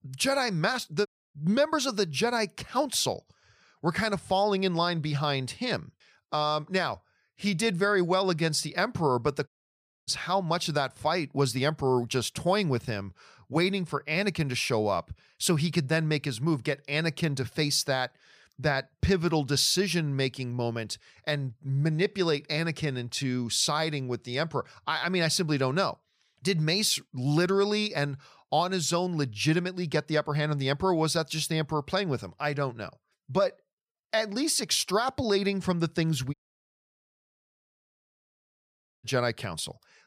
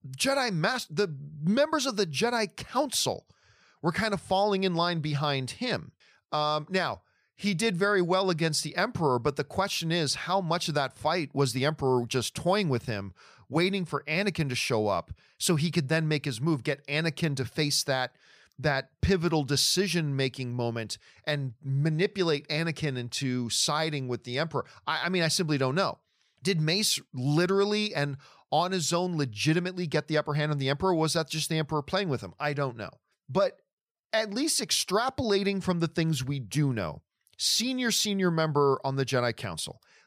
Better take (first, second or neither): second